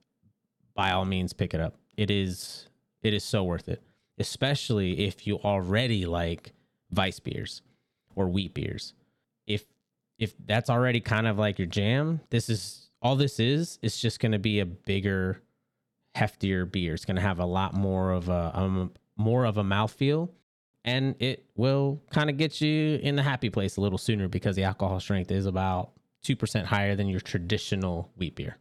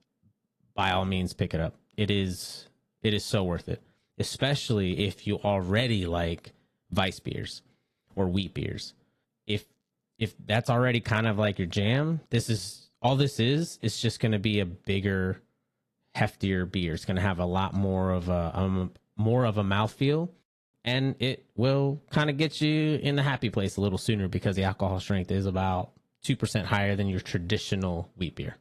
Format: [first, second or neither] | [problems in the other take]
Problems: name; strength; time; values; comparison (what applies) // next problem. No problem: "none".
first | garbled, watery; slightly